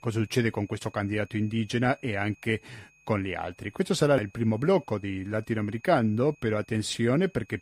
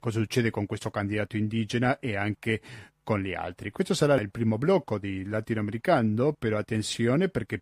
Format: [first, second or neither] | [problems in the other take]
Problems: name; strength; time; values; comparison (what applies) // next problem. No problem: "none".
second | high-pitched whine; faint; throughout; 2.5 kHz, 30 dB below the speech